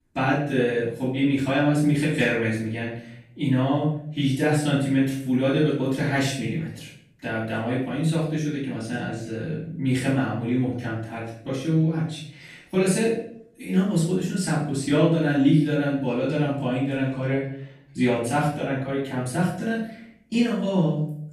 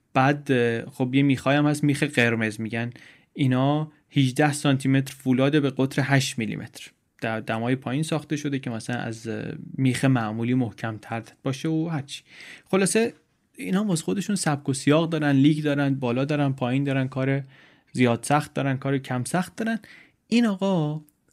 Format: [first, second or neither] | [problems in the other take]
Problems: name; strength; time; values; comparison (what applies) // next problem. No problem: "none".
second | room echo; noticeable; dies away in 0.5 s // off-mic speech; far